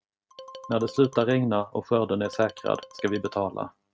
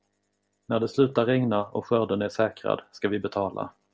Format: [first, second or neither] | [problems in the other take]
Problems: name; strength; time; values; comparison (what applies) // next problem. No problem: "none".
second | noise reduction (neural mask model RNNoise)